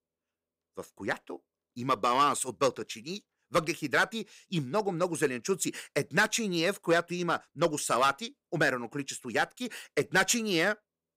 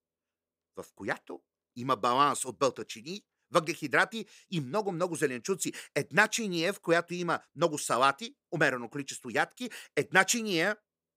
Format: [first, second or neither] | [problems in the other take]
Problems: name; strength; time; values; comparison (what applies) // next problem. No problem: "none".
second | distortion; slight; 1.6% of the sound clipped